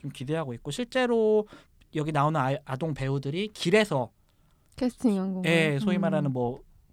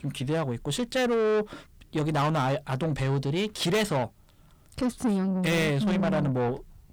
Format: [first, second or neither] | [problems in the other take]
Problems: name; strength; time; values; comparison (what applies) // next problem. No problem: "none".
first | distortion; heavy; 8 dB below the speech